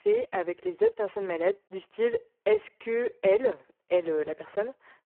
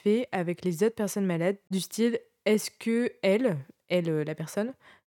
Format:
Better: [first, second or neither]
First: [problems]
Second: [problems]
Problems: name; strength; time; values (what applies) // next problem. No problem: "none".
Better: second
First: phone-call audio; poor line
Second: none